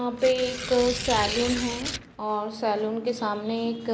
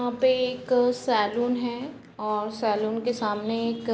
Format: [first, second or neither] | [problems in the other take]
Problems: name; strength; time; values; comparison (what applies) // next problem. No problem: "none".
second | background sound (Tearing); 7 dB below the speech